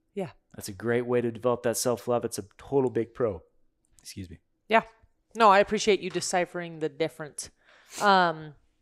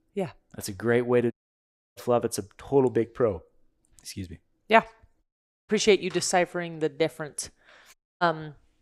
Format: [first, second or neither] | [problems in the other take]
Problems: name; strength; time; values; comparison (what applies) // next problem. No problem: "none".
first | audio cutting out; at 1.5 s for 0.5 s, at 5 s and at 8 s